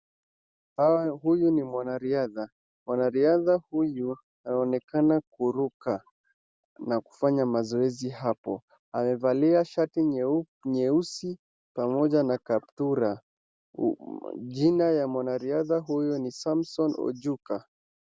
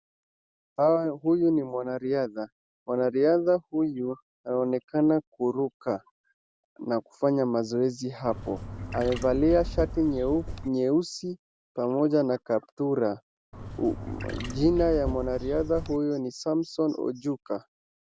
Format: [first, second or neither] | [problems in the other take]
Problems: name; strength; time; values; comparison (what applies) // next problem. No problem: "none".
first | background sound (Trickle, dribble / Chirp, tweet); 7 dB below the speech